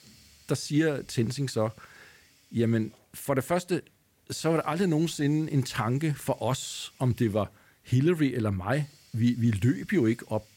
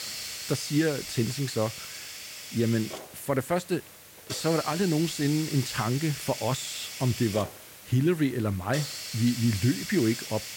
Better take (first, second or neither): first